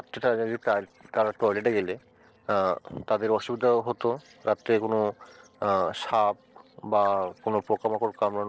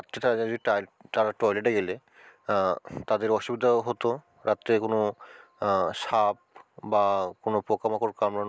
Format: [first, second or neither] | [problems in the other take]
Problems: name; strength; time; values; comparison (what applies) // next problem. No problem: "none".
second | noise reduction (neural separator model SepFormer DNS4)